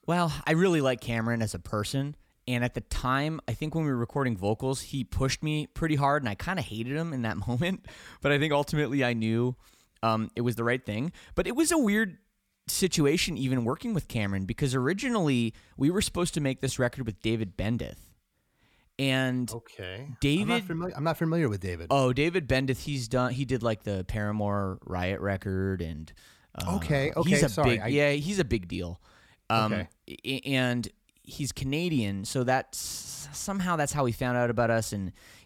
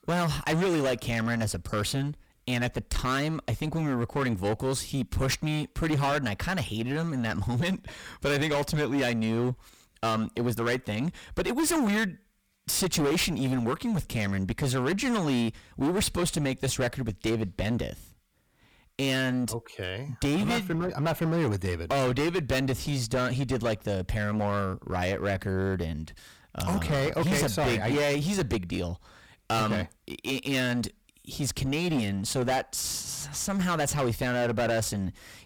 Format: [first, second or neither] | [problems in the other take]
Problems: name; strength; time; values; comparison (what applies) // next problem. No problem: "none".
first | distortion; heavy; 18% of the sound clipped